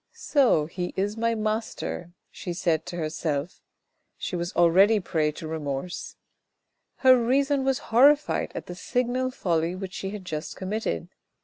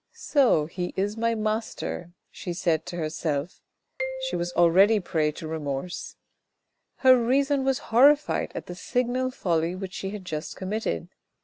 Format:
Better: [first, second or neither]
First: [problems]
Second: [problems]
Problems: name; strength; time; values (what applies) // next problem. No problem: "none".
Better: first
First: none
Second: background sound (Marimba, xylophone); 15 dB below the speech